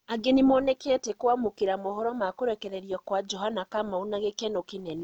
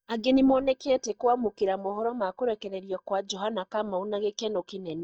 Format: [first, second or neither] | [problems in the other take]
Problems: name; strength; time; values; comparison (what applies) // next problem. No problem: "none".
first | noise reduction (neural mask model DeepFilterNet 3)